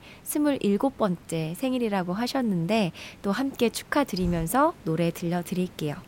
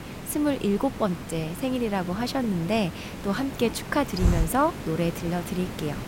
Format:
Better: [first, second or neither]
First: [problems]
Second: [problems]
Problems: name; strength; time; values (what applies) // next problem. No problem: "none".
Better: first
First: hiss; faint; throughout; 20 dB below the speech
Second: hiss; loud; throughout; 7 dB below the speech